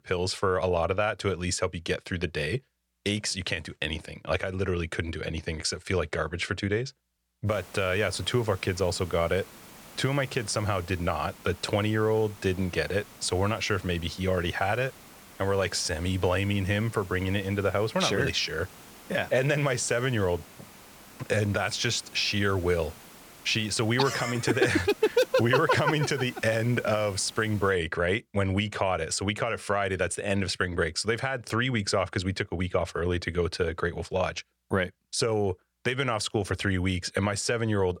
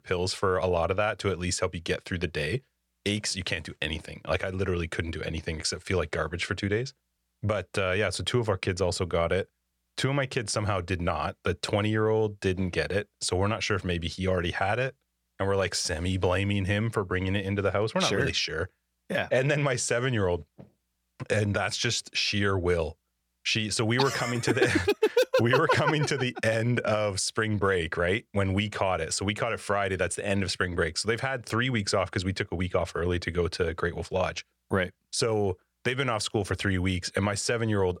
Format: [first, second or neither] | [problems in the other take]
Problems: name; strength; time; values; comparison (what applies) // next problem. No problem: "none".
second | hiss; faint; from 7.5 to 28 s; 20 dB below the speech